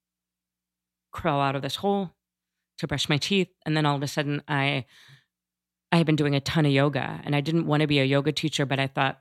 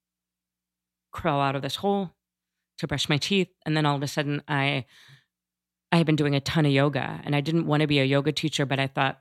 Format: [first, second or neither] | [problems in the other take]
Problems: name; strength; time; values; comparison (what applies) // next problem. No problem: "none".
neither | none